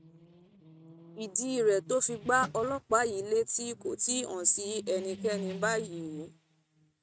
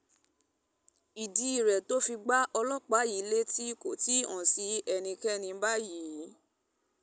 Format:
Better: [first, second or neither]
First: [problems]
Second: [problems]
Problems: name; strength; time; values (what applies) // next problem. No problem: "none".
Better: second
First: noise reduction (neural mask model RNNoise)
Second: none